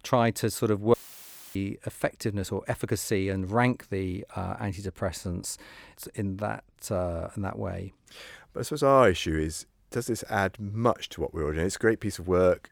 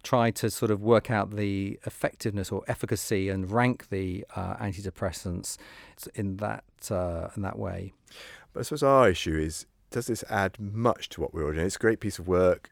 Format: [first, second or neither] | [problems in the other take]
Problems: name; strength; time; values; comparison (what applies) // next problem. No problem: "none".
second | audio cutting out; filled with static; at 1 s for 0.5 s